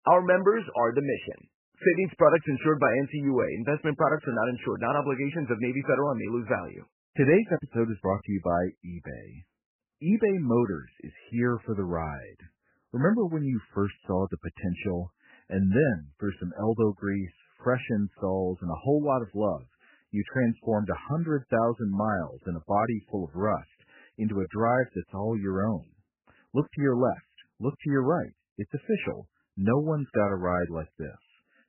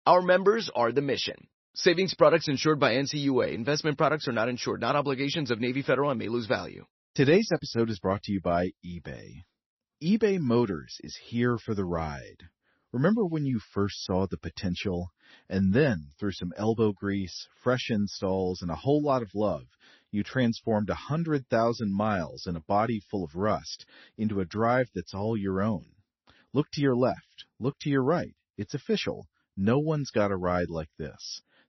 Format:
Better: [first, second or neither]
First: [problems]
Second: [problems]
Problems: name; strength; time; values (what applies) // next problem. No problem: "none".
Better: second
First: garbled, watery; badly; nothing above 3 kHz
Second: garbled, watery; slightly; nothing above 6 kHz